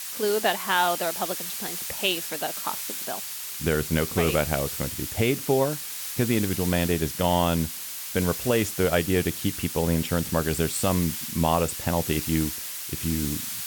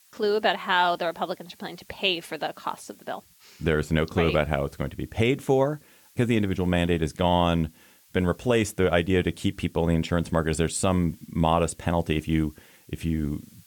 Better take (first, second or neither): second